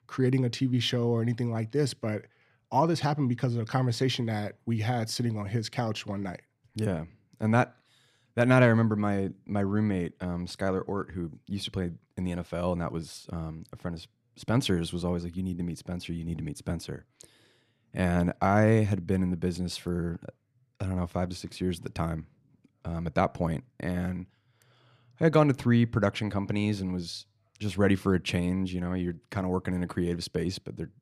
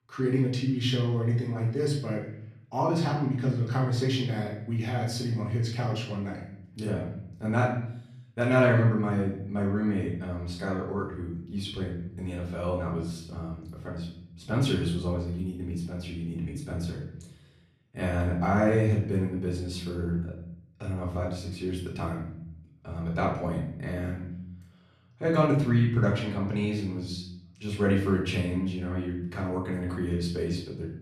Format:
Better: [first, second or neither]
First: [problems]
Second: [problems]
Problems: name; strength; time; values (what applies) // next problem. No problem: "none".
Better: first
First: none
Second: off-mic speech; far // room echo; noticeable; dies away in 0.7 s